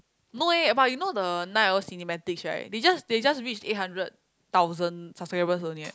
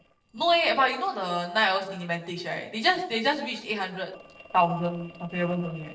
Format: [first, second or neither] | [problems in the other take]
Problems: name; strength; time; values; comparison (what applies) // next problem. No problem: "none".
first | noise reduction (neural separator model SepFormer DNS4)